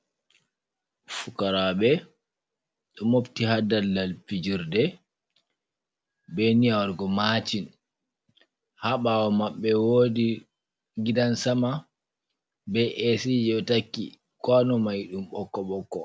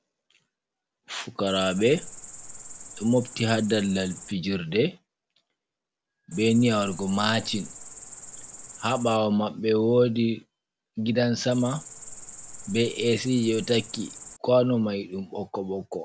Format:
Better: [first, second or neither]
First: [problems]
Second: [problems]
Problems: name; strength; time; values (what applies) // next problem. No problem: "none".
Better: first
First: none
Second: background sound (Cricket); 14 dB below the speech